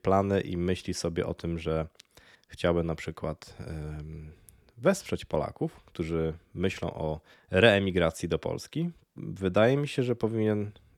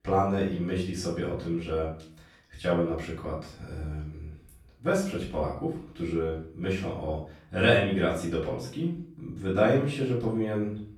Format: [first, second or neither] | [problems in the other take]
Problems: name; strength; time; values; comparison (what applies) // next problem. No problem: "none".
first | off-mic speech; far // room echo; noticeable; dies away in 0.4 s